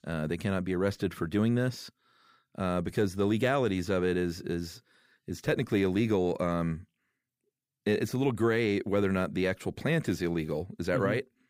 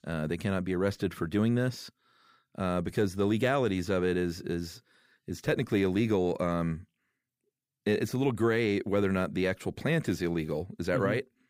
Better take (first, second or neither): neither